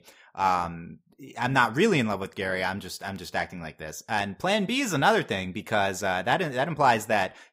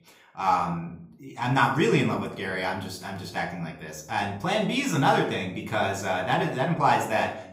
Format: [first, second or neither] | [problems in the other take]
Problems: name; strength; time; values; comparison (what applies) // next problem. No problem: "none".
first | off-mic speech; somewhat distant // room echo; slight; dies away in 0.5 s